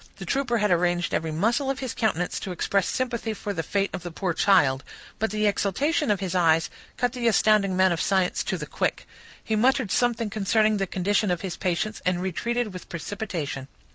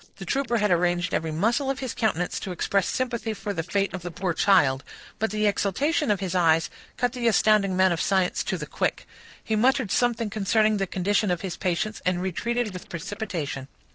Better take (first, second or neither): first